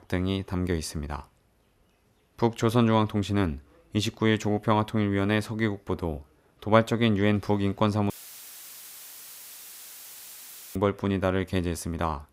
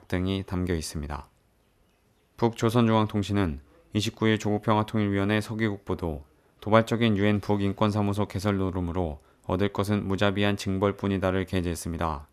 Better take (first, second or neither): second